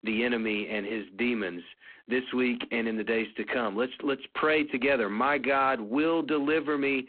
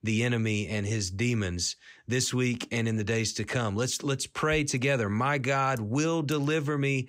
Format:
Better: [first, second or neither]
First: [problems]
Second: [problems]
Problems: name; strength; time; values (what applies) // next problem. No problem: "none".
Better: second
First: phone-call audio; poor line; nothing above 4 kHz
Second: none